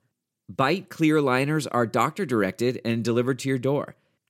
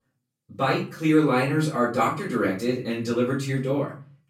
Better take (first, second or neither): first